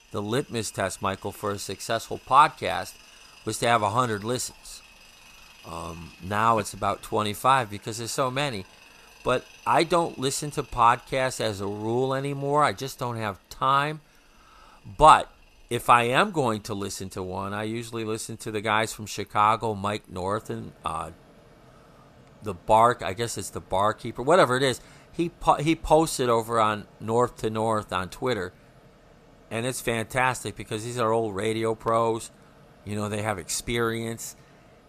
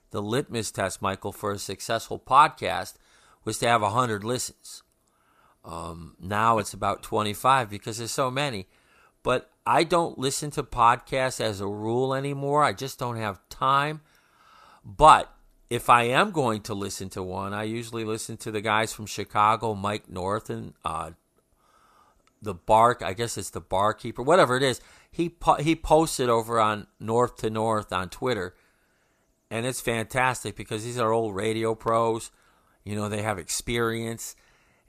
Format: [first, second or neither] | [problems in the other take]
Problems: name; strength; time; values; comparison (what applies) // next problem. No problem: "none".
second | machinery noise; faint; throughout; 25 dB below the speech